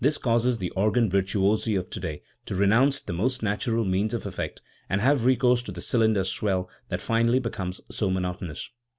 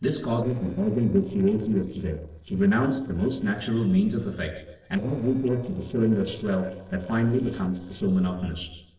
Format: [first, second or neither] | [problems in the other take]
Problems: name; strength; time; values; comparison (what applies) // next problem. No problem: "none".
first | noise reduction (neural separator model SepFormer DNS4)